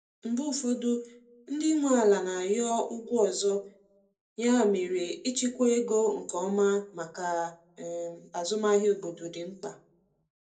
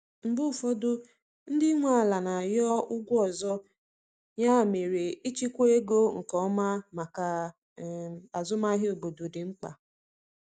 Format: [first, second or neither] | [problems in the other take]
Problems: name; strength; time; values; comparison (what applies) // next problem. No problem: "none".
second | room echo; dies away in 0.2 s